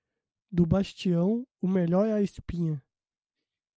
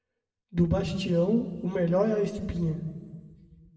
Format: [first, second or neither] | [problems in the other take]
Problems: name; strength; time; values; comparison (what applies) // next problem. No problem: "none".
first | room echo; dies away in 1.4 s